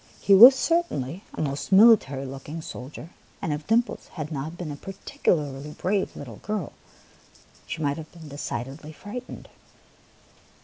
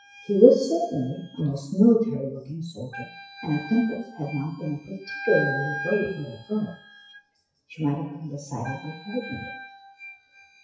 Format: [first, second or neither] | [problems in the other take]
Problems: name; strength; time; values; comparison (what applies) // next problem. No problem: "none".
first | noise reduction (classical method WPE with log-MMSE)